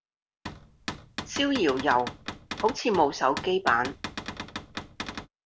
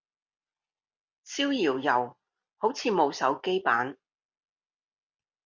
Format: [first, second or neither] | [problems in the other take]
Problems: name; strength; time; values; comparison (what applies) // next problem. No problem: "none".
second | background sound (Cupboard open or close / Door); 10 dB below the speech